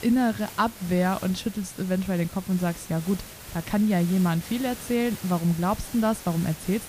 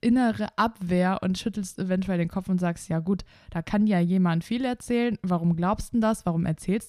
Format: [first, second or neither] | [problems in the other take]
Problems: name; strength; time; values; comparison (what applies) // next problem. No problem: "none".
second | hiss; noticeable; throughout; 15 dB below the speech